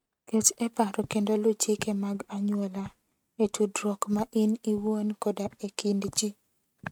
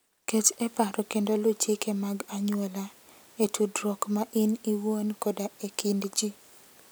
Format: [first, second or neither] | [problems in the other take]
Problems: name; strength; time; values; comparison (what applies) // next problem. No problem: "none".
second | noise reduction (neural mask model RNNoise)